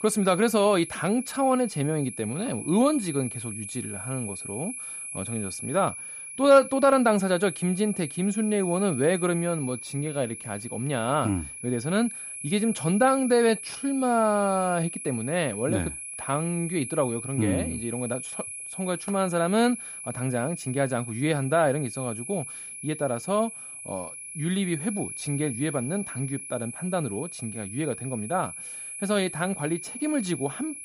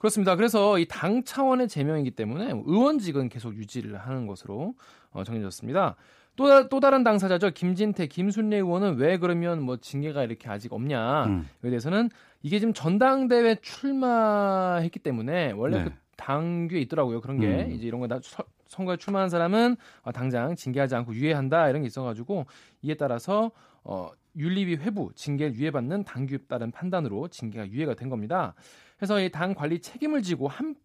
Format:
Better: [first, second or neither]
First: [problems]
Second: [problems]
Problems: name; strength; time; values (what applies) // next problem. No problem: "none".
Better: second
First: high-pitched whine; loud; throughout; 10.5 kHz, 9 dB below the speech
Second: none